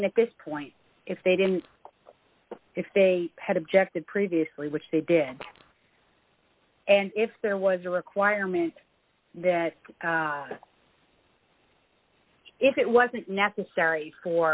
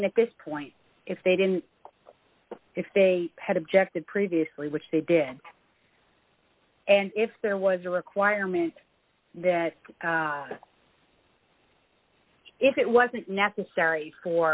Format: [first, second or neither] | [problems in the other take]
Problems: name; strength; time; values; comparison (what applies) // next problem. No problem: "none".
second | background sound (Fart); 20 dB below the speech